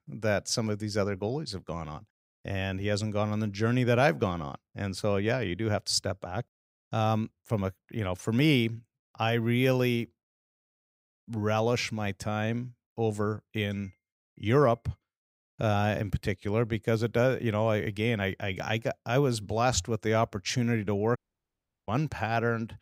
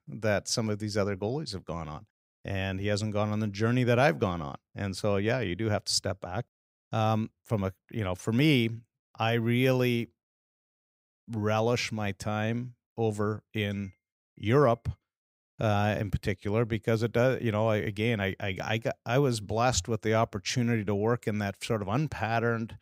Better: second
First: audio cutting out; at 21 s for 0.5 s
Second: none

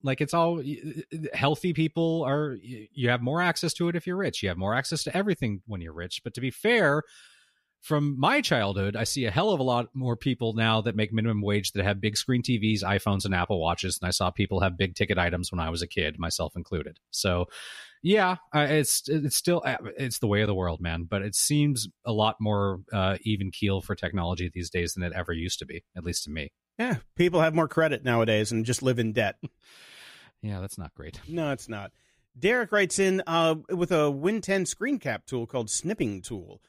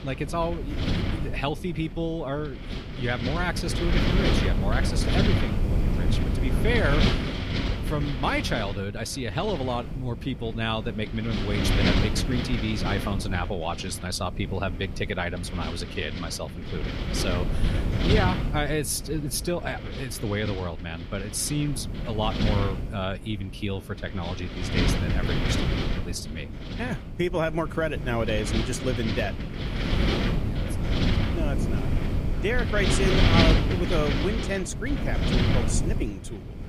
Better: first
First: none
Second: wind noise on the microphone; heavy; 1 dB below the speech

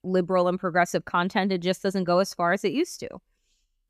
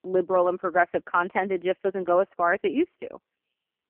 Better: first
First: none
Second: phone-call audio; poor line; nothing above 3 kHz

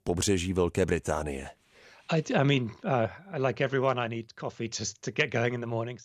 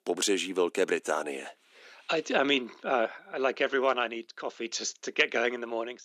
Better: first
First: none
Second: thin; somewhat; fading below 250 Hz

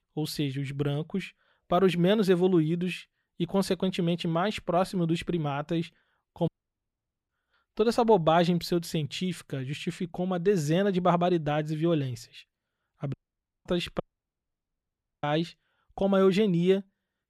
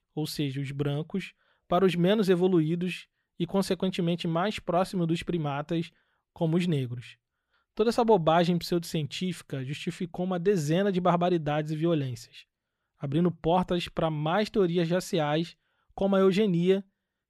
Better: second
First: audio cutting out; at 6.5 s for 1 s, at 13 s for 0.5 s and at 14 s for 1 s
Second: none

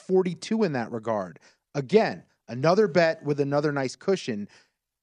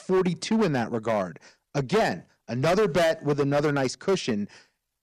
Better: first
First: none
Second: distortion; heavy; 11% of the sound clipped

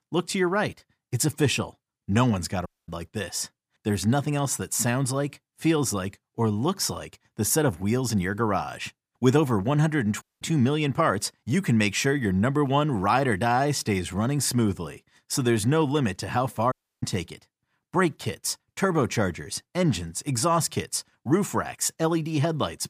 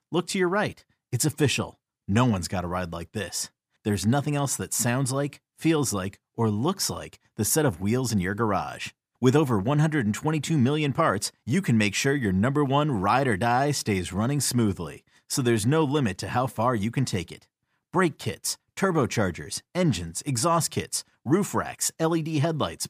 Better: second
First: audio cutting out; at 2.5 s, at 10 s and at 17 s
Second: none

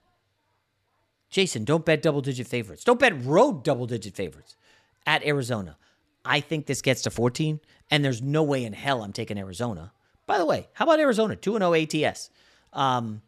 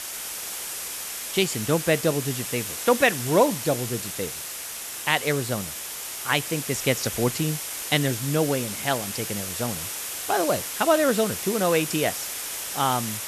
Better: first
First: none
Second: hiss; loud; throughout; 5 dB below the speech

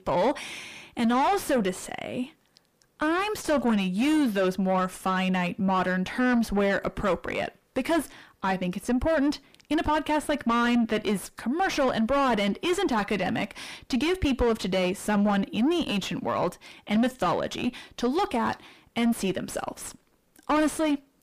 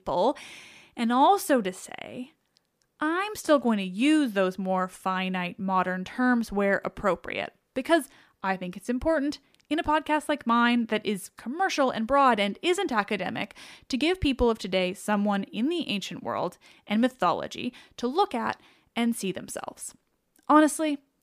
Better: second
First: distortion; heavy; 6 dB below the speech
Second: none

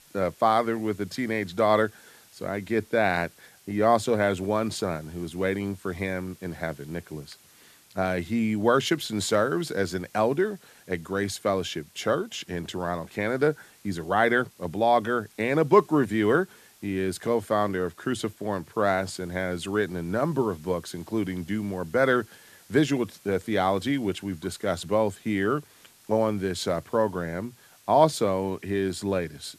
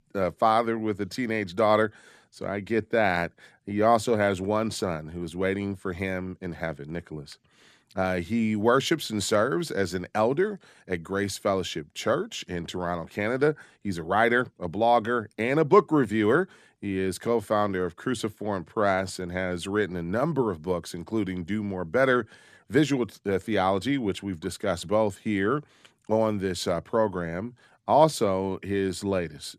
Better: second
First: hiss; faint; throughout; 25 dB below the speech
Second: none

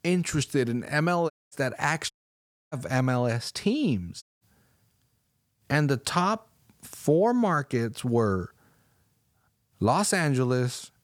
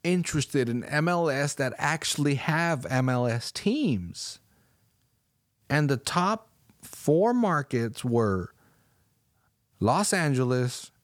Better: second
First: audio cutting out; at 1.5 s, at 2 s for 0.5 s and at 4 s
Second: none

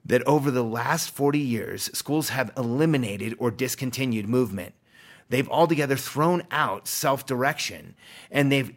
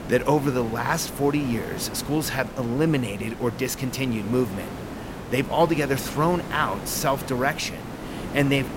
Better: first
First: none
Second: hiss; noticeable; throughout; 10 dB below the speech

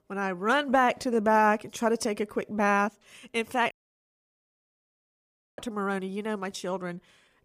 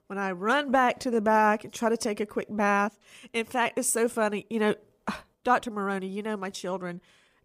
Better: second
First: audio cutting out; at 3.5 s for 2 s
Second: none

